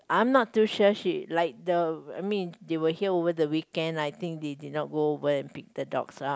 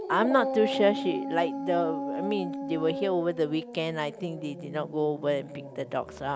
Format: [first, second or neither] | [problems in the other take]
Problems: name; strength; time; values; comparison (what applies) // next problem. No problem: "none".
first | background sound (Dog); 6 dB below the speech